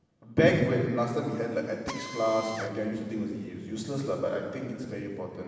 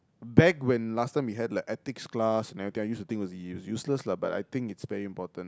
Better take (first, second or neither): second